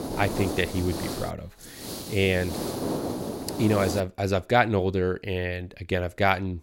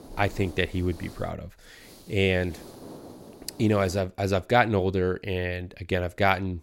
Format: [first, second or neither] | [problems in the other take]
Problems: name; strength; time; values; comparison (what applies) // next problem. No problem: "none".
second | hiss; loud; until 4 s; 7 dB below the speech; faint in the second